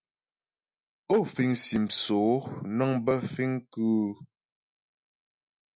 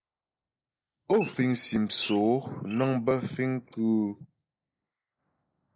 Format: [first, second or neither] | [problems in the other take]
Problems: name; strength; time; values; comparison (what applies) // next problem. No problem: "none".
first | noise reduction (neural mask model Resemble Enhance denoiser)